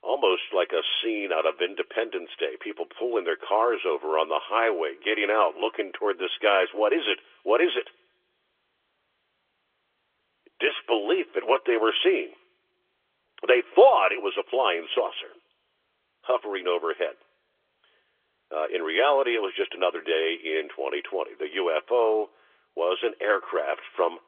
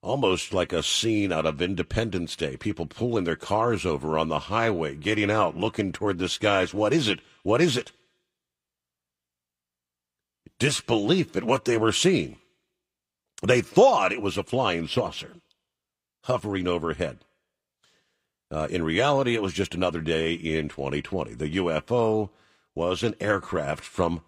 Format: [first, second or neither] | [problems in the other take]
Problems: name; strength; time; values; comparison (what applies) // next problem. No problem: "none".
second | phone-call audio; nothing above 3.5 kHz